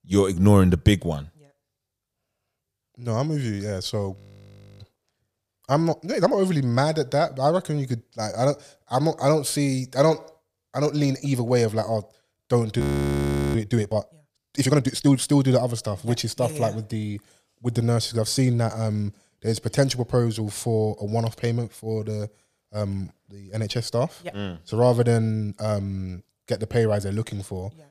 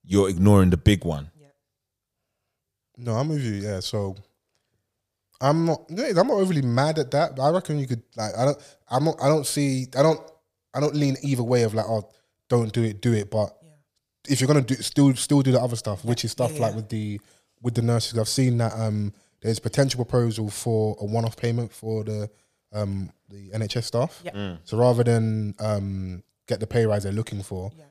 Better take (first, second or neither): second